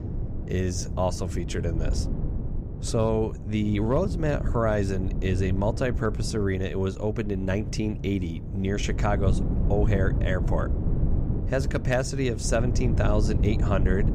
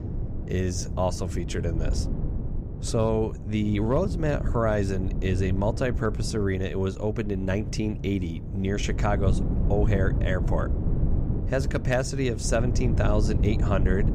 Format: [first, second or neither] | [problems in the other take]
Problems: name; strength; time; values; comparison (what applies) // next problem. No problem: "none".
neither | wind noise on the microphone; occasional gusts; 10 dB below the speech; the same in both